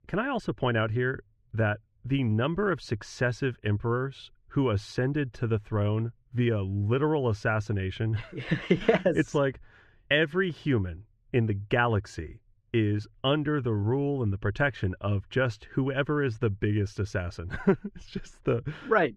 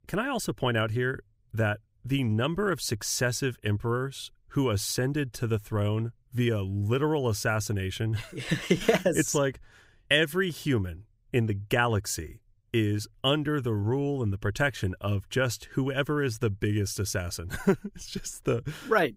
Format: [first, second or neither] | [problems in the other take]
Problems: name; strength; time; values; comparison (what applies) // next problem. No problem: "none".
second | muffled; slightly; fading above 2.5 kHz